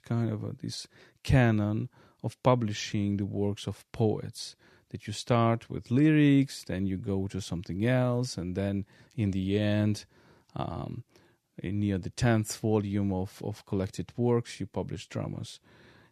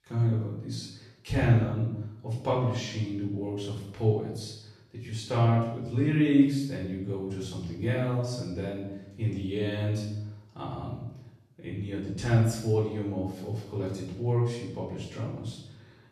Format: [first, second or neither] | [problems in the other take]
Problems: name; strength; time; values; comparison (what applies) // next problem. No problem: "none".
first | off-mic speech; far // room echo; noticeable; dies away in 0.7 s